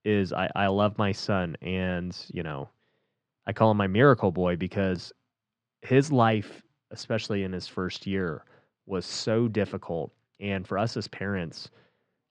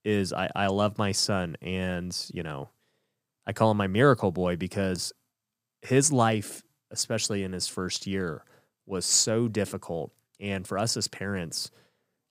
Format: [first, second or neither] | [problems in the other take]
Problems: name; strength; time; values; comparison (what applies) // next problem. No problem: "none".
second | muffled; slightly; fading above 3.5 kHz